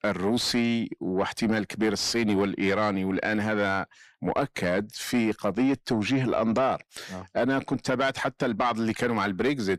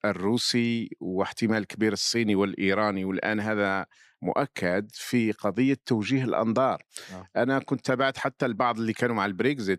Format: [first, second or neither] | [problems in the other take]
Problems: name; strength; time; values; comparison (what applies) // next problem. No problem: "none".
second | distortion; slight; 10 dB below the speech